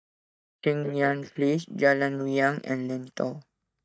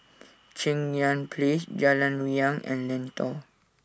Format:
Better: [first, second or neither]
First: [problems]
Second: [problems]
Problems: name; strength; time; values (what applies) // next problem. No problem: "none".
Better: second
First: noise reduction (neural mask model DeepFilterNet 3)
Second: none